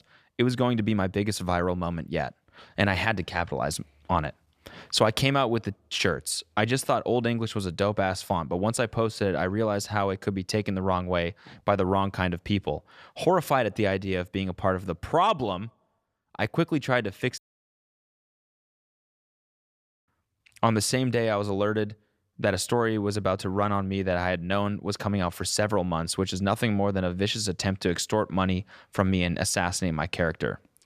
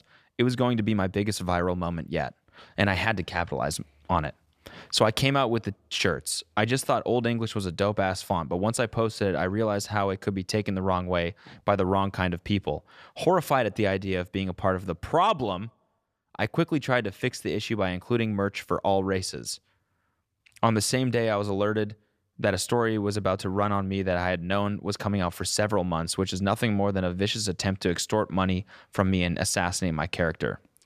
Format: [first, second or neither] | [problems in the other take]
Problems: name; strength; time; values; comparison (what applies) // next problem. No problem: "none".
second | audio cutting out; at 17 s for 2.5 s